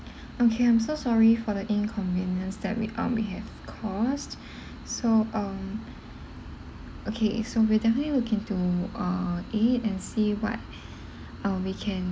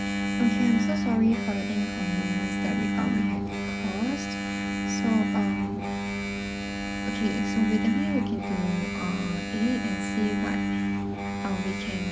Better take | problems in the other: first | background sound (Engine); 1 dB above the speech

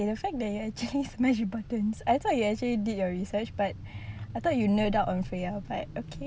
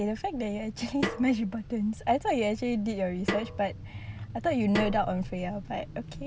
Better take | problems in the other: first | background sound (Snare drum); 9 dB below the speech

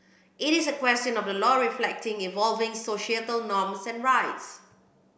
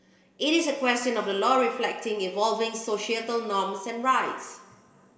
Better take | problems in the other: first | room echo; dies away in 2.7 s

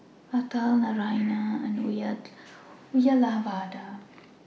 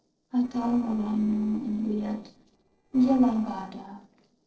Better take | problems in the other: first | noise reduction (neural separator model SepFormer DNS4)

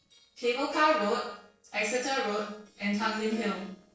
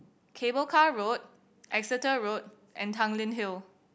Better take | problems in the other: second | noise reduction (neural separator model SepFormer DNS4)

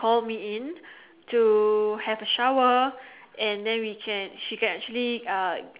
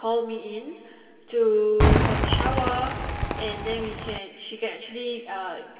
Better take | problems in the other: first | background sound (Cheering / Fireworks); 1 dB above the speech // room echo; dies away in 2.4 s

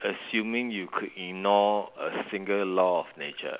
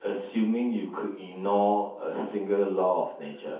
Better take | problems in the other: first | room echo; dies away in 0.5 s

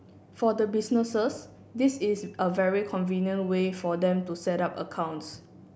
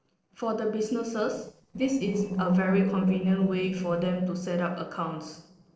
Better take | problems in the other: first | noise reduction (neural separator model SepFormer DNS4)

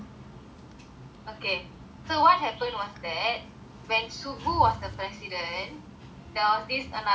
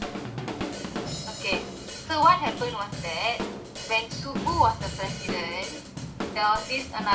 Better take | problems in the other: first | background sound (Drum / Drum kit); 7 dB below the speech

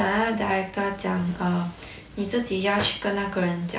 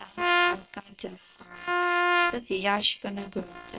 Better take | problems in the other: first | noise reduction (neural separator model SepFormer WHAM!)

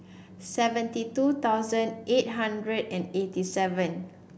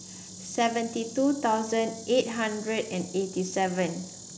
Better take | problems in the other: first | background sound (Insect); 16 dB below the speech

